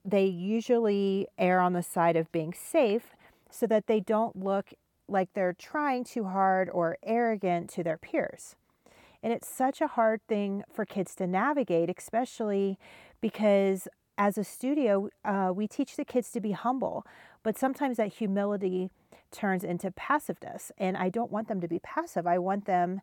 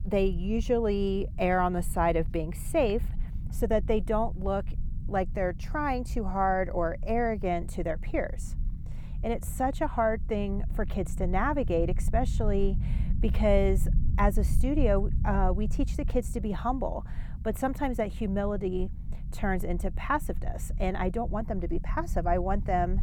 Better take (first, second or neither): first